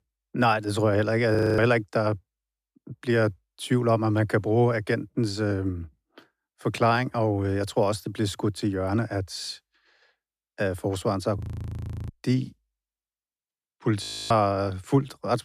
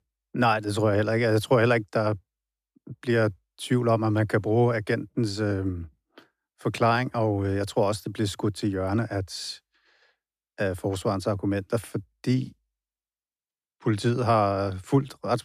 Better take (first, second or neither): second